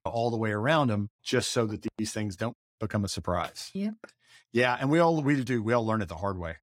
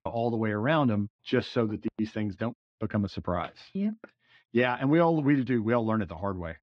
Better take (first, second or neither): first